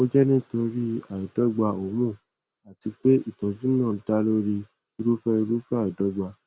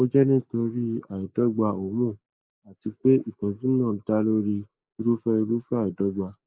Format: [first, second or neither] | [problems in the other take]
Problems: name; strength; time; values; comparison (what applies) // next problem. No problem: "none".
first | noise reduction (neural mask model Resemble Enhance denoiser)